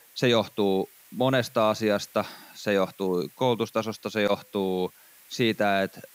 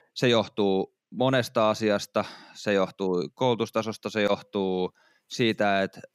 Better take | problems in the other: second | hiss; faint; throughout; 25 dB below the speech

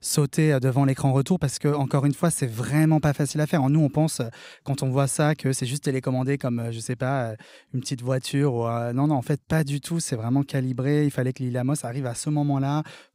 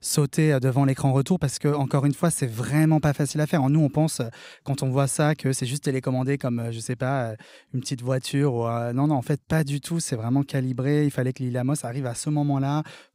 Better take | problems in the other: neither | none

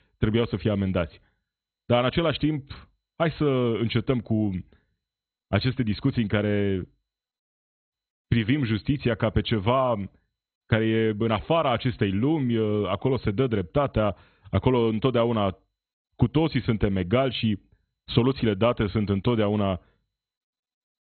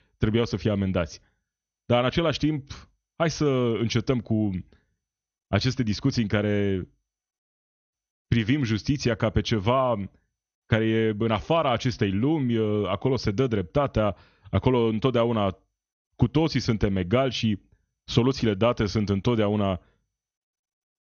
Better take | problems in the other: second | garbled, watery; badly; nothing above 4 kHz; slightly in the second

